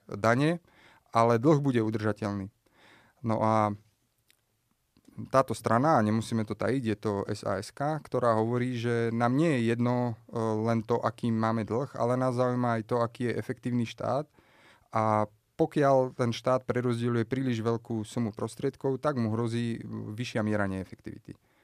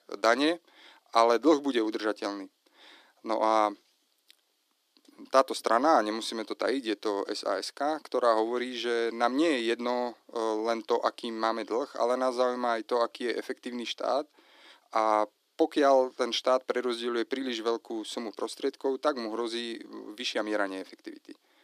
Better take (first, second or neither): first